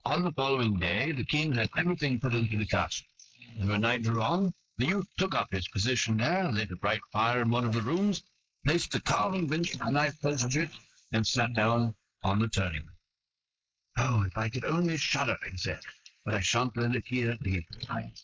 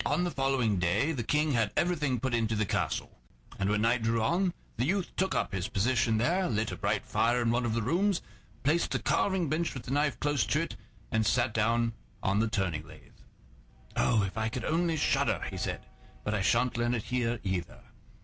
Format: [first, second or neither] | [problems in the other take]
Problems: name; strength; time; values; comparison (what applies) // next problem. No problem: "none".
second | noise reduction (neural mask model Resemble Enhance denoiser)